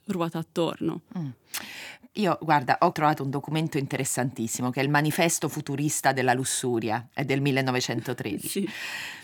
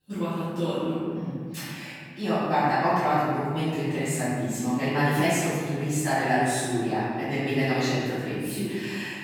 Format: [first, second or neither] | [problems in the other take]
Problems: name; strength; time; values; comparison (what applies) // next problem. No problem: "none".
first | off-mic speech; far // room echo; strong; dies away in 1.8 s